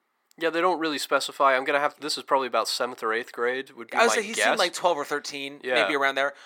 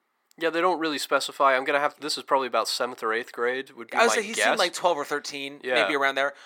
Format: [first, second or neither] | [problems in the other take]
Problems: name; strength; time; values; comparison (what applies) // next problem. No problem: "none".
neither | thin; somewhat; fading below 350 Hz; the same in both